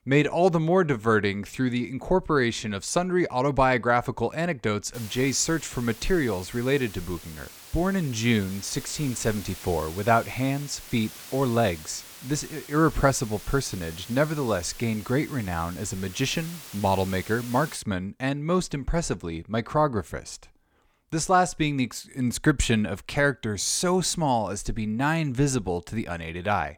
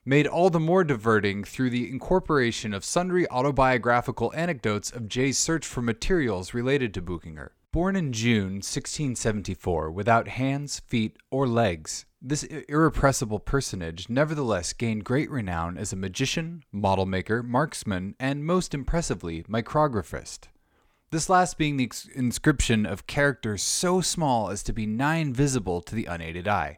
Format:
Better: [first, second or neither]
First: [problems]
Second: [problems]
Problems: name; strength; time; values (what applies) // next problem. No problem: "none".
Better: second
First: hiss; noticeable; from 5 to 18 s; 15 dB below the speech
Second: none